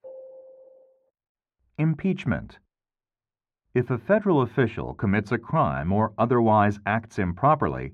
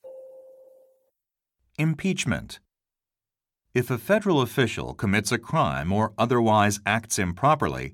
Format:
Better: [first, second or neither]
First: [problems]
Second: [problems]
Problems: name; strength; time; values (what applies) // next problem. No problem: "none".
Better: second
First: muffled; very; fading above 4 kHz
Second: none